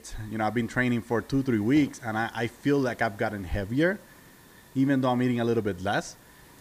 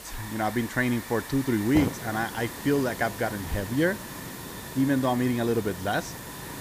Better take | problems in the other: first | hiss; loud; throughout; 9 dB below the speech; faint in the first

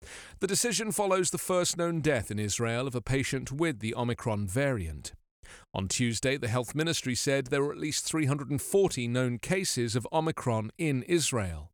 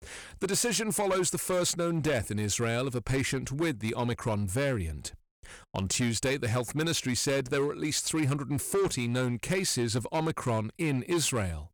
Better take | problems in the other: first | distortion; slight; 10% of the sound clipped

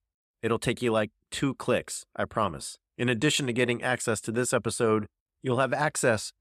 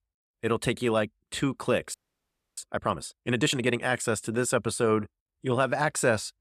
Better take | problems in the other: first | audio freezing; at 2 s for 0.5 s

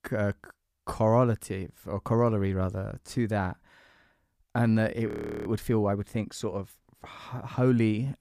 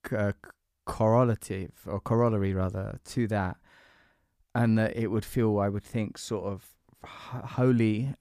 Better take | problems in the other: second | audio freezing; at 5 s

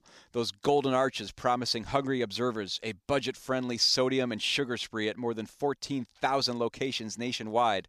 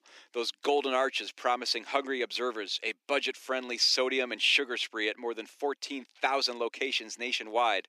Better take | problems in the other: first | thin; somewhat; fading below 300 Hz

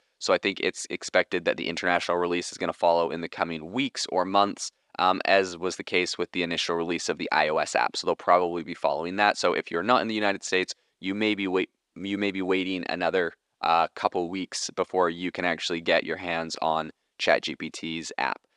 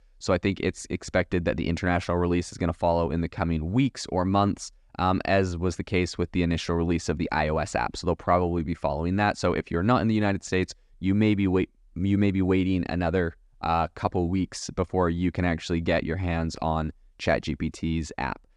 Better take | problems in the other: second | thin; somewhat; fading below 400 Hz

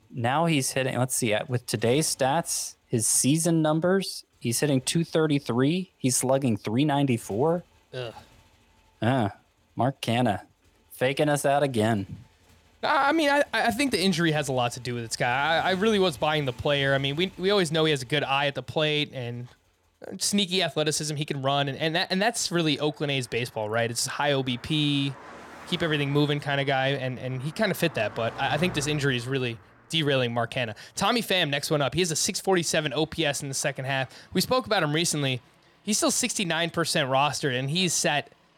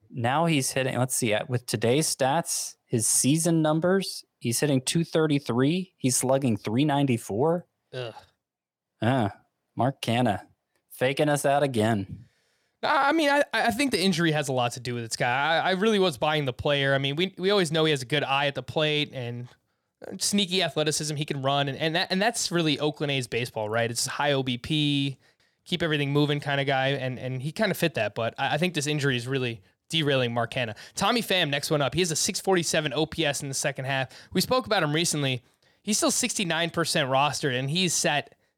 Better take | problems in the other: second | traffic noise; faint; throughout; 25 dB below the speech

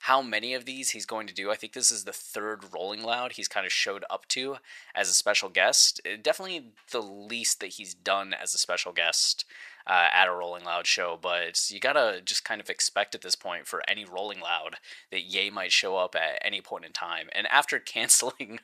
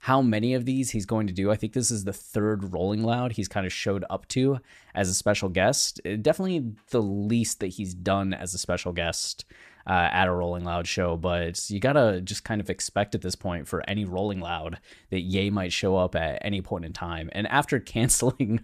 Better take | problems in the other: second | thin; very; fading below 750 Hz

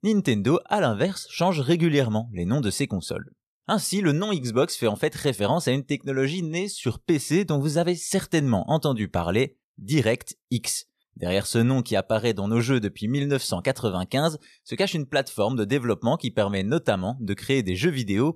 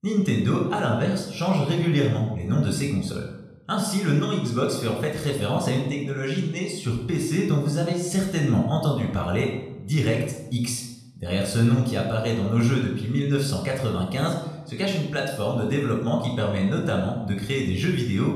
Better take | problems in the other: first | off-mic speech; somewhat distant // room echo; noticeable; dies away in 0.7 s

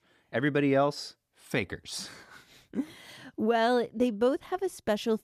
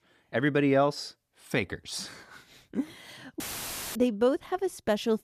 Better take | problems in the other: first | audio cutting out; filled with static; at 3.5 s for 0.5 s

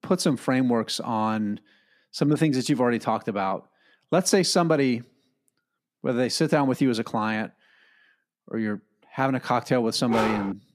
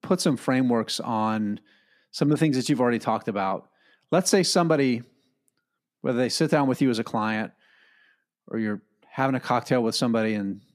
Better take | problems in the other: second | dog barking; noticeable; at 10 s; peak 3 dB below the speech

